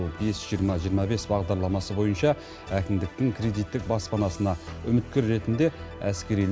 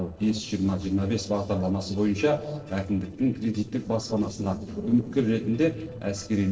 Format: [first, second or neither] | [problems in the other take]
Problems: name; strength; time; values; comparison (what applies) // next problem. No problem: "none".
first | noise reduction (neural separator model SepFormer DNS4)